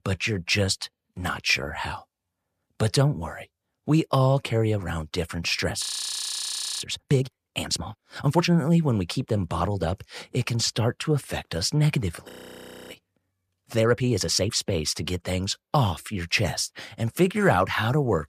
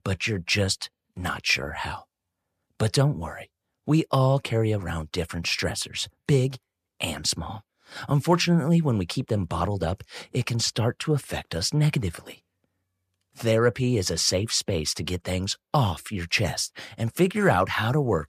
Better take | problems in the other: second | audio freezing; at 6 s for 1 s and at 12 s for 0.5 s

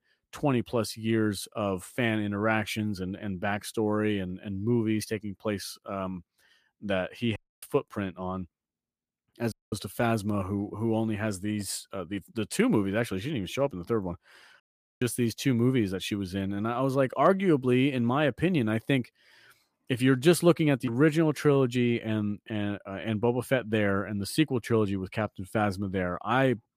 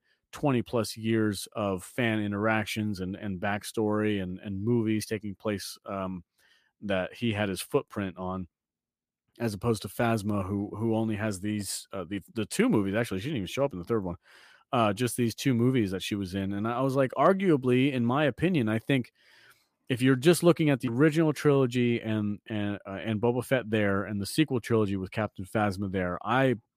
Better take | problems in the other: second | audio cutting out; at 7.5 s, at 9.5 s and at 15 s

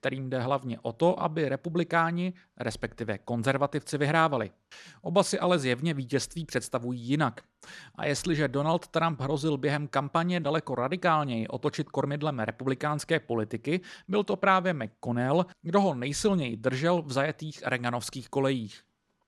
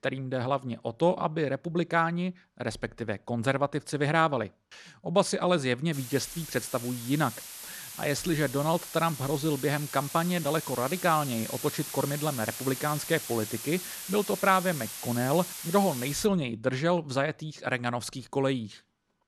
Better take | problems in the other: first | hiss; loud; from 6 to 16 s; 9 dB below the speech

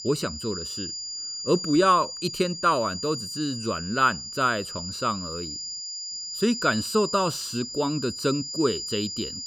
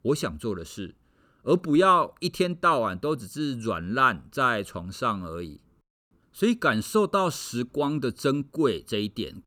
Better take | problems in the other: second | high-pitched whine; loud; throughout; 5 kHz, 6 dB below the speech

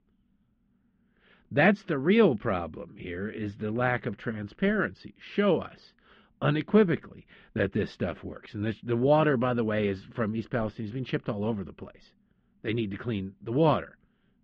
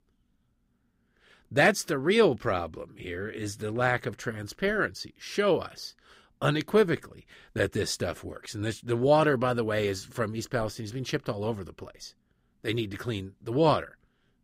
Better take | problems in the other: second | muffled; very; fading above 3 kHz

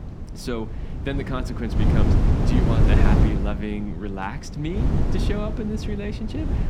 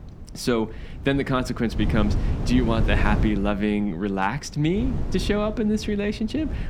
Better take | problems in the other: second | wind noise on the microphone; heavy; 1 dB above the speech; occasional gusts in the second

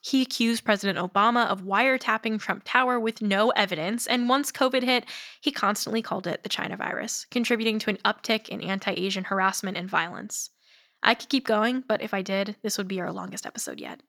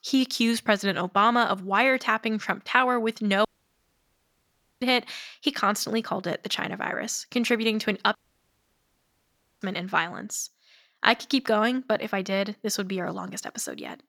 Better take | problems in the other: first | audio cutting out; at 3.5 s for 1.5 s and at 8 s for 1.5 s

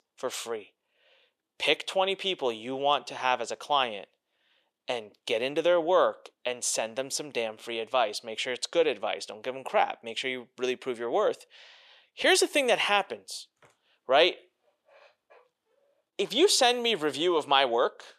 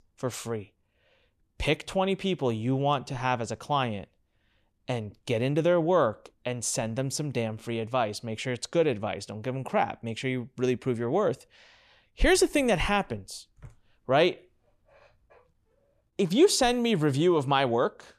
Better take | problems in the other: second | thin; somewhat; fading below 500 Hz

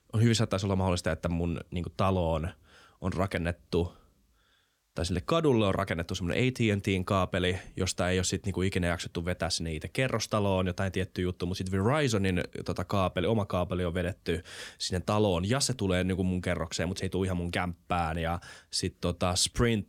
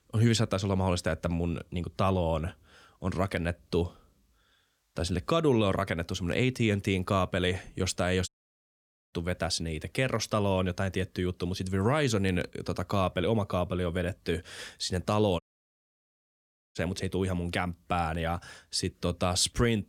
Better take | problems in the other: first | audio cutting out; at 8.5 s for 1 s and at 15 s for 1.5 s

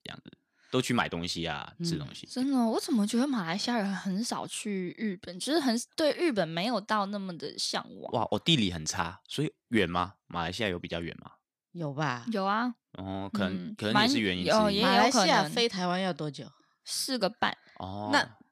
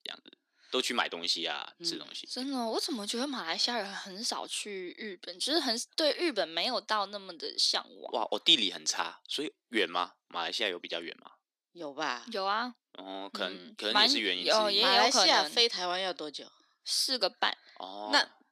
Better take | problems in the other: first | thin; somewhat; fading below 300 Hz

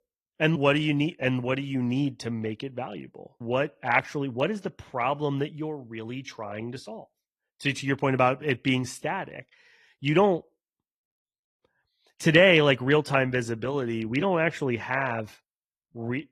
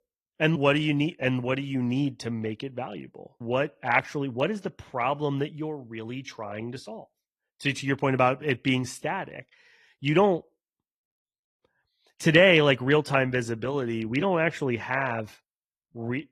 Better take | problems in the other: neither | garbled, watery; slightly; the same in both

